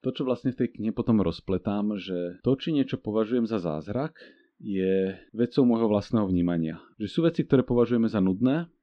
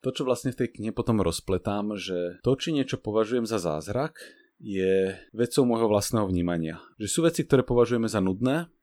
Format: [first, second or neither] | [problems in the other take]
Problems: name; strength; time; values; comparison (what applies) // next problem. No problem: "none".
second | muffled; slightly; fading above 4 kHz